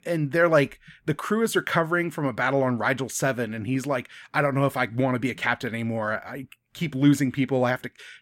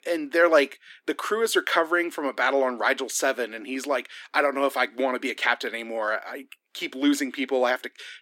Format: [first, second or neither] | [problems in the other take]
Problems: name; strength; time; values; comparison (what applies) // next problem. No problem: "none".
first | thin; very slightly; fading below 300 Hz